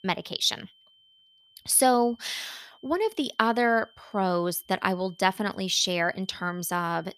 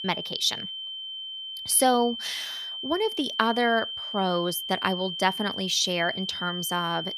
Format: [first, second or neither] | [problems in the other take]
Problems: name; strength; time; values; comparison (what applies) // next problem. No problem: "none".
first | high-pitched whine; loud; throughout; 3 kHz, 6 dB below the speech; faint in the first